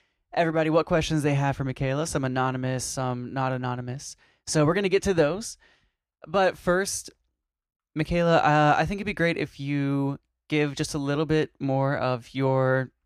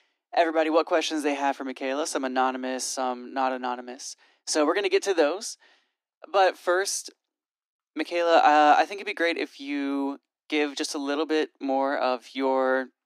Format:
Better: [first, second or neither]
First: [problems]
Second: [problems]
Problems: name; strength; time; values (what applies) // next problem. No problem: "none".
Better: first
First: none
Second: thin; somewhat; fading below 250 Hz